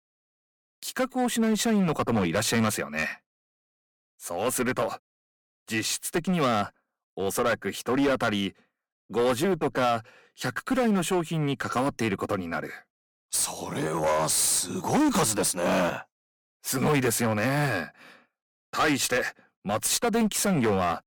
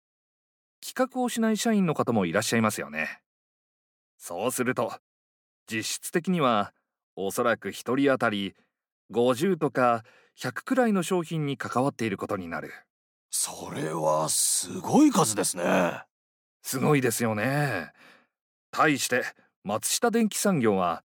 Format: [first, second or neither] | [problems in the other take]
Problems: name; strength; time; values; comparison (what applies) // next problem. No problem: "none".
second | distortion; heavy; 11% of the sound clipped